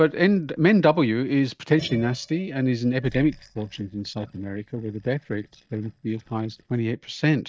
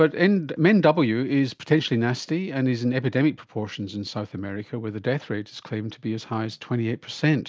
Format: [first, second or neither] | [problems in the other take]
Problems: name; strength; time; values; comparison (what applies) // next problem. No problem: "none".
second | noise reduction (neural mask model DeepFilterNet 3)